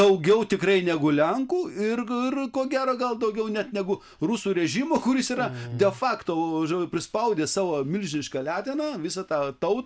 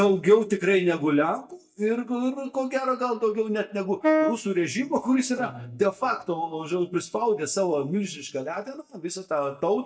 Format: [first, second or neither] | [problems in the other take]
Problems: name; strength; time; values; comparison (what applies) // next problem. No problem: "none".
first | noise reduction (neural mask model DeepFilterNet 3)